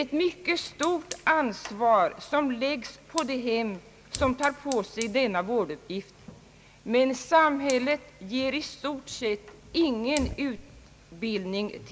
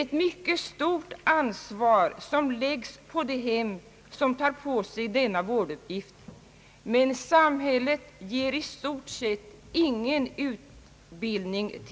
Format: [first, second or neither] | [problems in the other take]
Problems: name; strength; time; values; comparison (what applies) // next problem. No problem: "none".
second | background sound (Fire); 17 dB below the speech